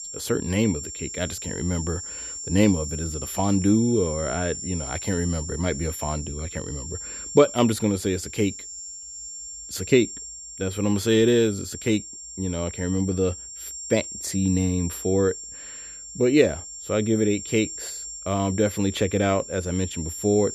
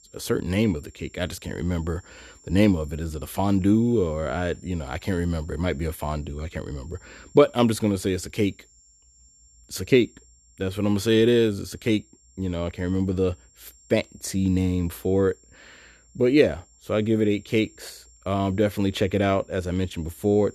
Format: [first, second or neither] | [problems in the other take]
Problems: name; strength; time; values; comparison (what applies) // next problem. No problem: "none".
second | high-pitched whine; loud; throughout; 7 kHz, 9 dB below the speech; faint in the second